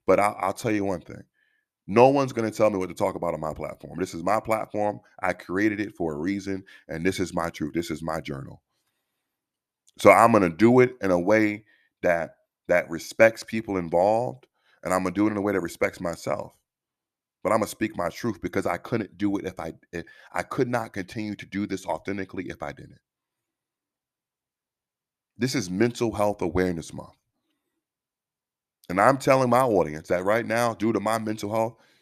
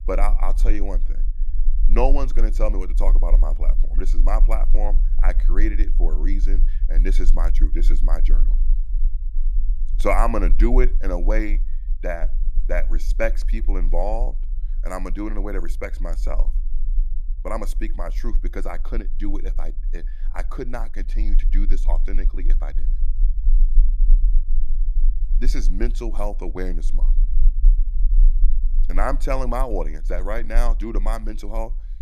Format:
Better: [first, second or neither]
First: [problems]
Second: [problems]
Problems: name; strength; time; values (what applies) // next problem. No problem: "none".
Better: first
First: none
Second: low rumble; faint; throughout; 20 dB below the speech